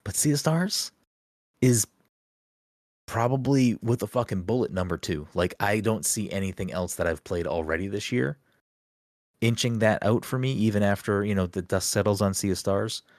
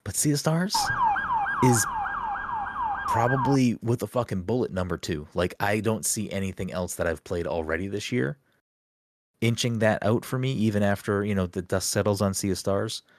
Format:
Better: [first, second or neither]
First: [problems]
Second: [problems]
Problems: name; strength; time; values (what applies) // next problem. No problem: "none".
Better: first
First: none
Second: siren; loud; from 0.5 to 3.5 s; peak 3 dB above the speech